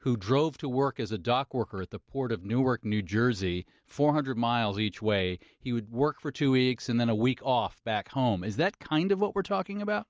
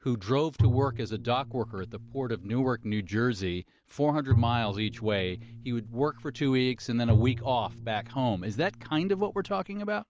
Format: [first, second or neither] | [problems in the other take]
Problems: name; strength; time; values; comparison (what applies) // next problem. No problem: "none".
first | background sound (Bowed string instrument); 3 dB below the speech